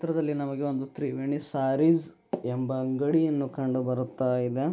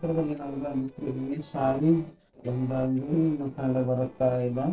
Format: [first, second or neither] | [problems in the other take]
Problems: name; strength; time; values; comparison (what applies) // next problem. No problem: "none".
first | noise reduction (neural separator model SepFormer DNS4)